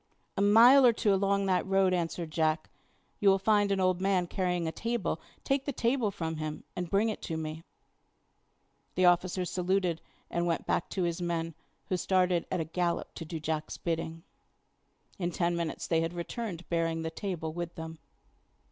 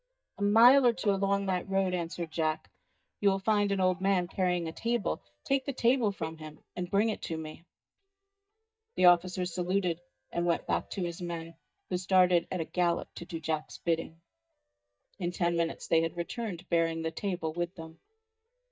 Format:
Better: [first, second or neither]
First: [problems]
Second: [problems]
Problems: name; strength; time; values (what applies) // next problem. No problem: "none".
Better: first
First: none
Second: noise reduction (neural mask model DeepFilterNet 3)